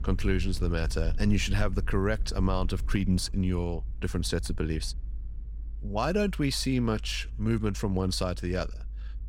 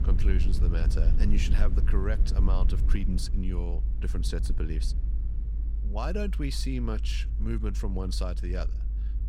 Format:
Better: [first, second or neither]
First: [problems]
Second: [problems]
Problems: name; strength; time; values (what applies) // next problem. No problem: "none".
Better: first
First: low rumble; faint; throughout; 25 dB below the speech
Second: low rumble; loud; throughout; 10 dB below the speech